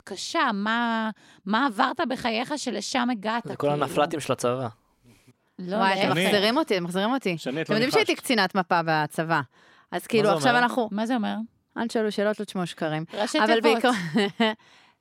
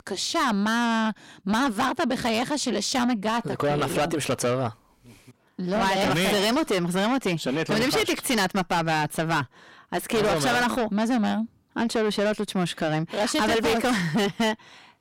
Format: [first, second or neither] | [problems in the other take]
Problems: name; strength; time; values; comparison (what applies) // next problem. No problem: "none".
first | distortion; heavy; 6 dB below the speech